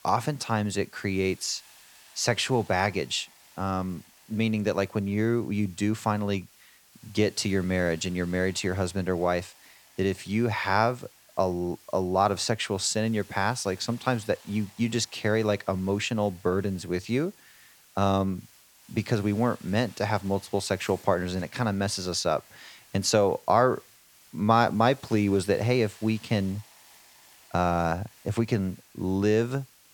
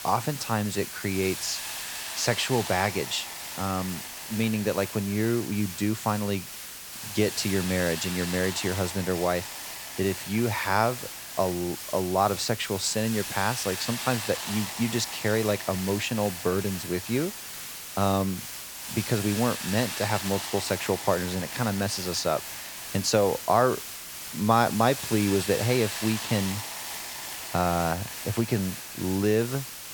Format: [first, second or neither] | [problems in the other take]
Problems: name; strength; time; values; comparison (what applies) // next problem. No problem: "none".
first | hiss; loud; throughout; 7 dB below the speech; faint in the first